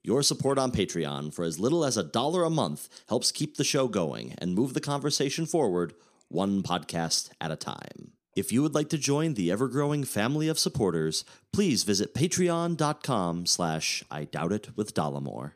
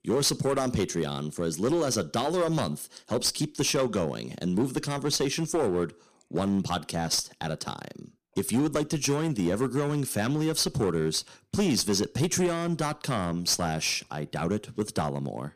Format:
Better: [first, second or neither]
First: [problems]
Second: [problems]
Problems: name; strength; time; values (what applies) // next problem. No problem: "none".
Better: first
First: none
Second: distortion; slight; 7% of the sound clipped